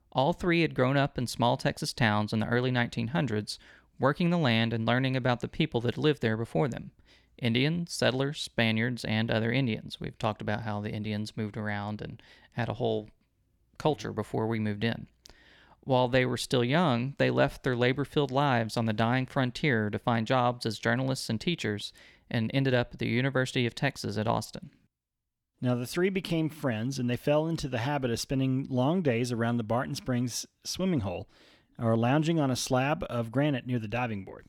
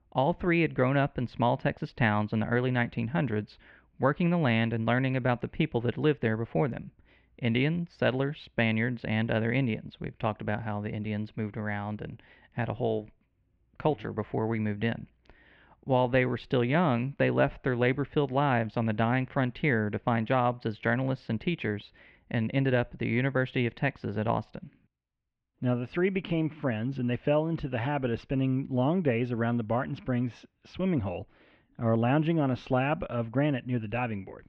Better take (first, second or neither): first